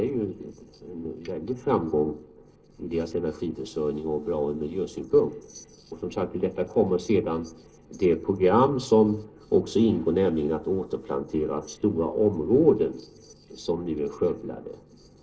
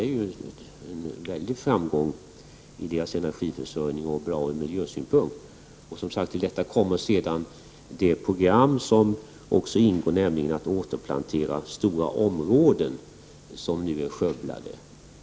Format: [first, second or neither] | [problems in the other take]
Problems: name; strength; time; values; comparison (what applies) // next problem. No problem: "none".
second | noise reduction (neural separator model SepFormer DNS4)